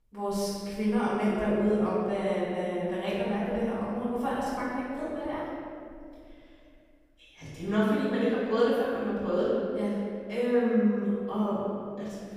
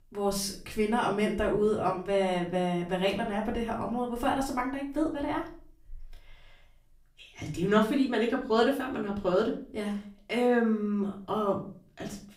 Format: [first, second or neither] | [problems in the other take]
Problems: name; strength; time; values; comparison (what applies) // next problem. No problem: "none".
second | room echo; strong; dies away in 2 s; slight in the second // off-mic speech; far; far in the second